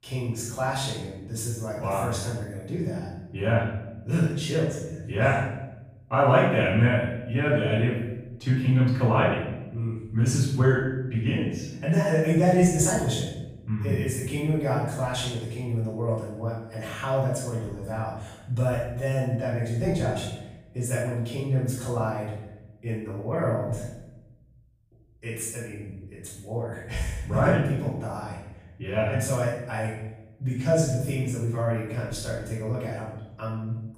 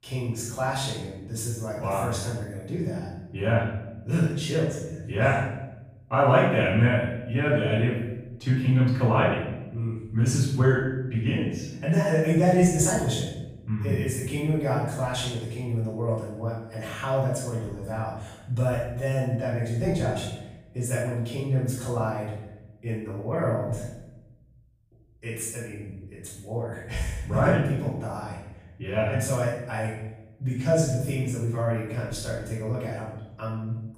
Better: neither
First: room echo; strong; dies away in 0.8 s // off-mic speech; far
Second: room echo; strong; dies away in 0.8 s // off-mic speech; far

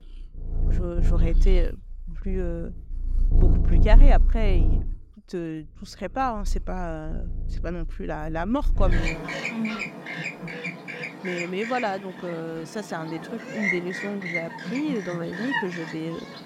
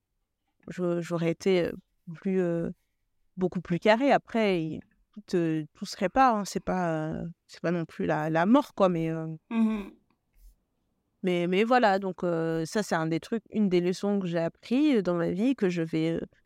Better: second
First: animal sounds; very loud; throughout; 3 dB above the speech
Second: none

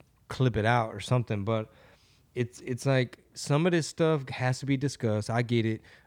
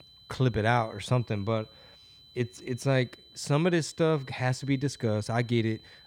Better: first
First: none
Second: high-pitched whine; faint; throughout; 4 kHz, 25 dB below the speech

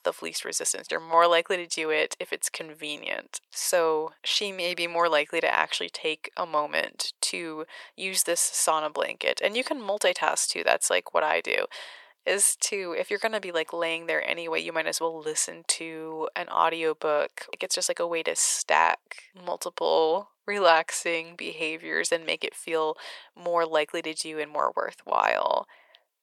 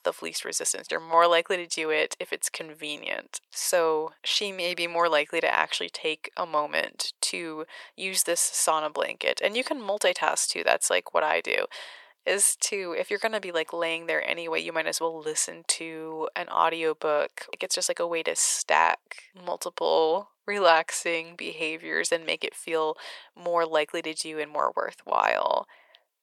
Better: neither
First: thin; very; fading below 450 Hz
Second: thin; very; fading below 450 Hz

